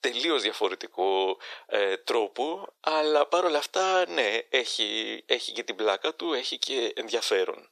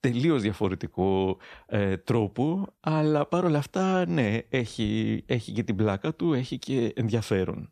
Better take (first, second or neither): second